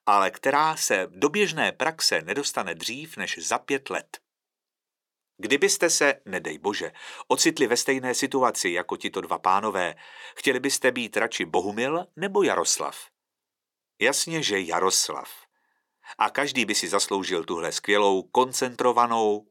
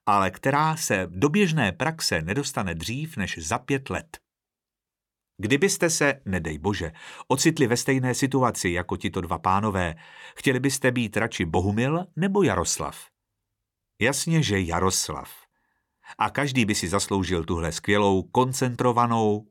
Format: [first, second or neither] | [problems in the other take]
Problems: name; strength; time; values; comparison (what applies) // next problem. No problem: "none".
second | thin; somewhat; fading below 400 Hz